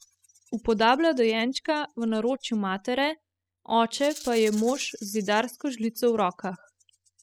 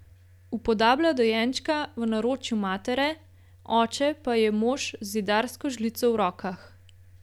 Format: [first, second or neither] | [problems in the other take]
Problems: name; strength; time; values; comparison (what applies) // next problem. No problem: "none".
second | noise reduction (classical method spectral subtraction)